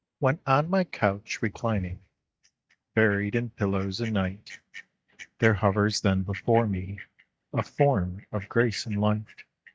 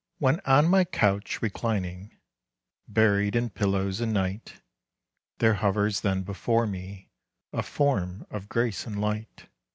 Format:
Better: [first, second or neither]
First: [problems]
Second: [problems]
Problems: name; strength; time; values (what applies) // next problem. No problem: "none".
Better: second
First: noise reduction (neural mask model DeepFilterNet 3)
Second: none